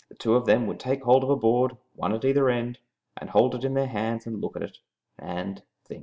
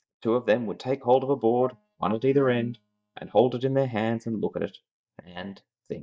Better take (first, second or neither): first